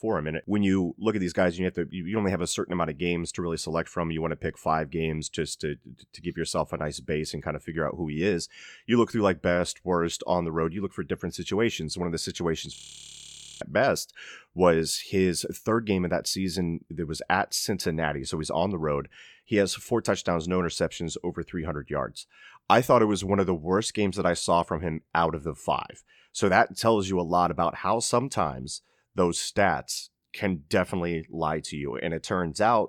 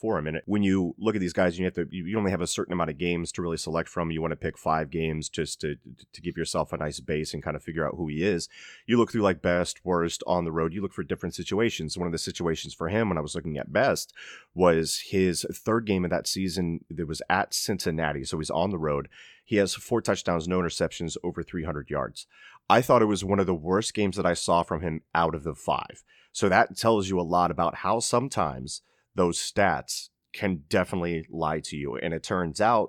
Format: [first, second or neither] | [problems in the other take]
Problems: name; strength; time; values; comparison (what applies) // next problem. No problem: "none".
second | audio freezing; at 13 s for 1 s